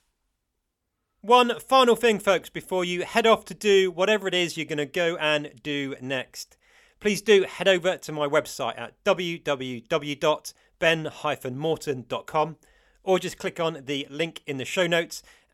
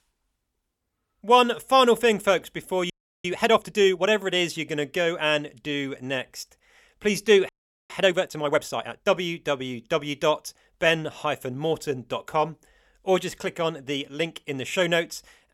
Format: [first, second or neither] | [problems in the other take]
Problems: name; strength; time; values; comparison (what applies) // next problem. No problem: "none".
first | audio freezing; at 3 s and at 7.5 s